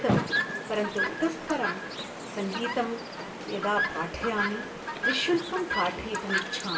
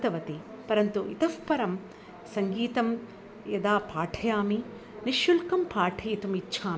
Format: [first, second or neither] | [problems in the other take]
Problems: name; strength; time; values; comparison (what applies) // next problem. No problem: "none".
second | background sound (Chirp, tweet); as loud as the speech // room echo; dies away in 0.2 s